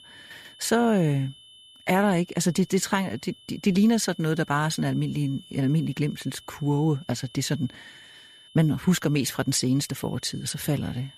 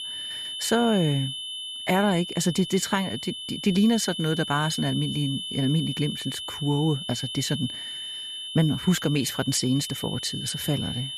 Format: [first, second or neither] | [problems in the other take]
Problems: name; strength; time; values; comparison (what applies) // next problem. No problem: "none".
first | high-pitched whine; loud; throughout; 3 kHz, 6 dB below the speech; faint in the first